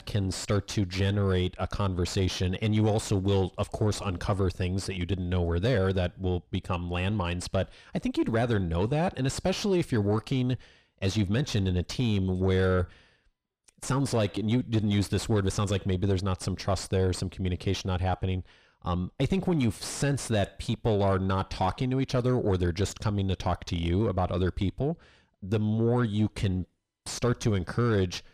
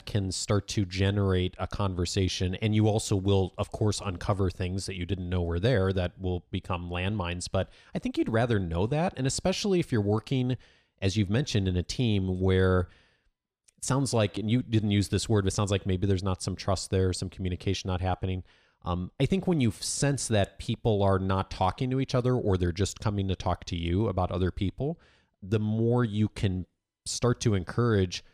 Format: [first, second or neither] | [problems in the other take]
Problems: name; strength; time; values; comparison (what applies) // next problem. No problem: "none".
second | distortion; slight; 10 dB below the speech